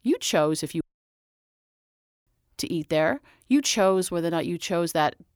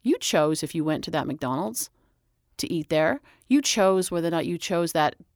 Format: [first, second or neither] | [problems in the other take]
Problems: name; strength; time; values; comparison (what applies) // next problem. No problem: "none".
second | audio cutting out; at 1 s for 1.5 s